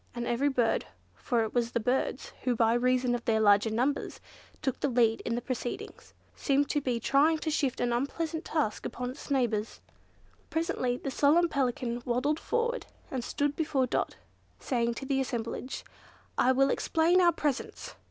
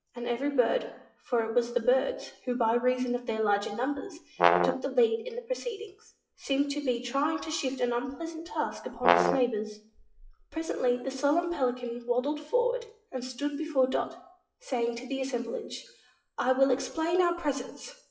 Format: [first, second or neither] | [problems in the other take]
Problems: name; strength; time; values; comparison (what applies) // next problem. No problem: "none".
first | noise reduction (classical method WPE with log-MMSE)